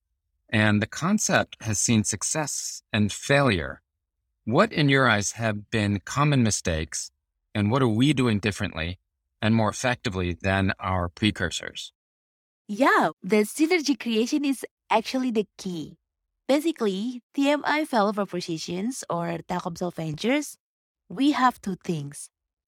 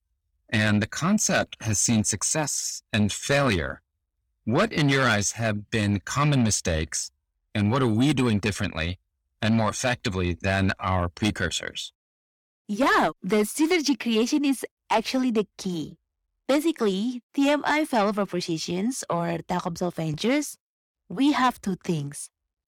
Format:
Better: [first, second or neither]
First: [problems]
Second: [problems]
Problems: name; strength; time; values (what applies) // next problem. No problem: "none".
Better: first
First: none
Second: distortion; slight; 10 dB below the speech